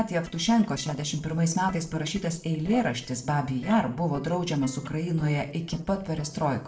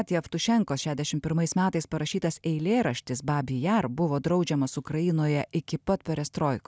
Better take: second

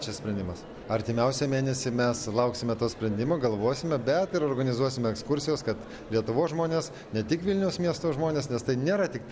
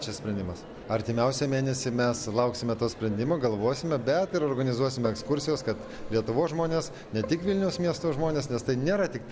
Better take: first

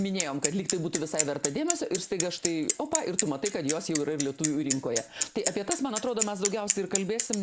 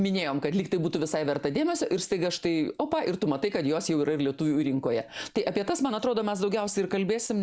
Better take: second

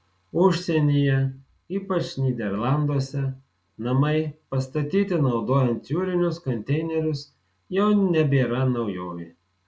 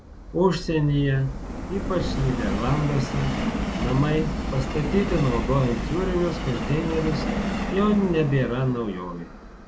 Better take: first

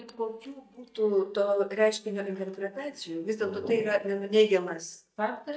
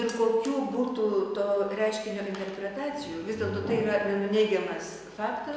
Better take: second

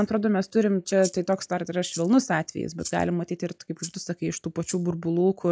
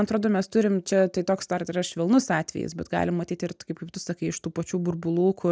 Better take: second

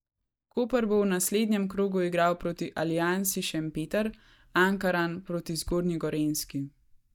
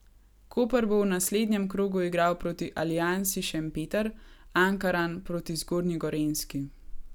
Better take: second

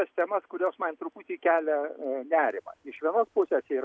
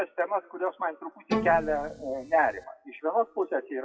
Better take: first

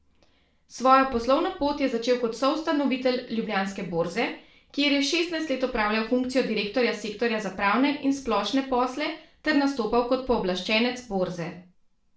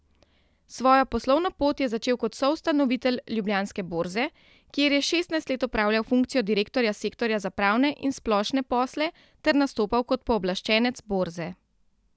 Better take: second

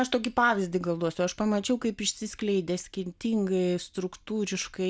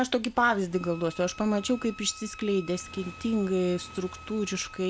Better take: first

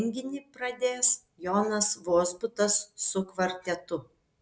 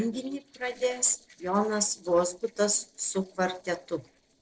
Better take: first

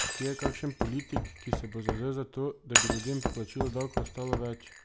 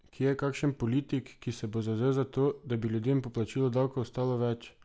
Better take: second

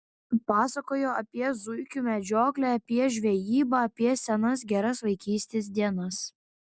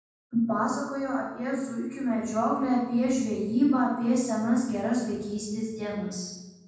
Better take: first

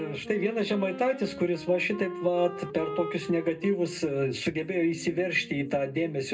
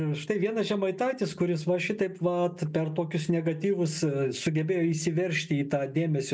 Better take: second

